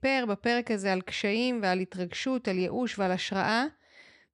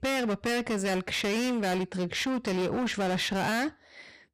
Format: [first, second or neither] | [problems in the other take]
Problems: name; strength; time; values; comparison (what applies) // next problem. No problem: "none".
first | distortion; heavy; 29% of the sound clipped